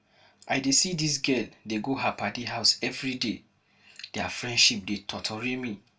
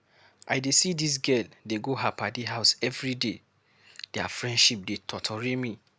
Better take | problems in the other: second | room echo; dies away in 0.2 s

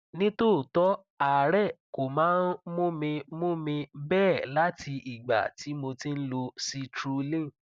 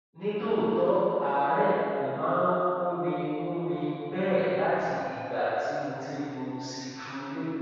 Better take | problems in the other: first | room echo; dies away in 2.2 s

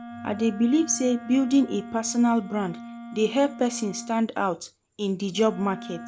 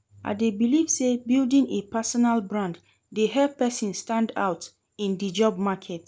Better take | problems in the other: second | background sound (Wind instrument, woodwind instrument); 15 dB below the speech

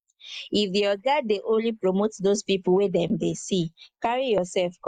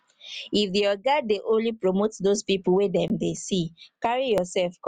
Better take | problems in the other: second | noise reduction (neural mask model Resemble Enhance denoiser)

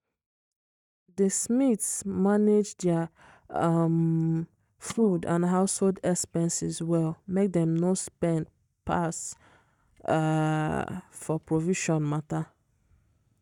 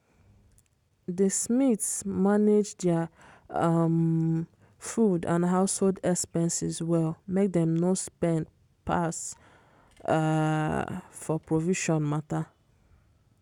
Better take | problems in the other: second | noise reduction (neural mask model DeepFilterNet 3)

